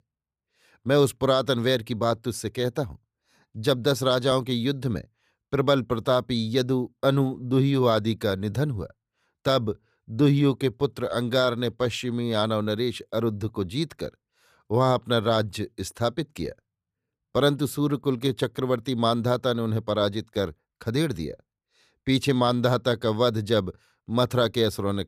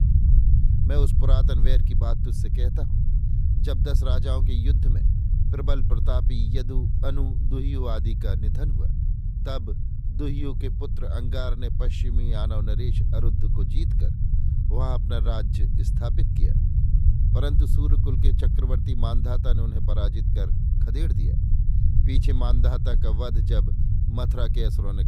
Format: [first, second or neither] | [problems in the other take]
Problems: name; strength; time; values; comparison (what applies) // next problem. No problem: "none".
first | low rumble; loud; throughout; 4 dB below the speech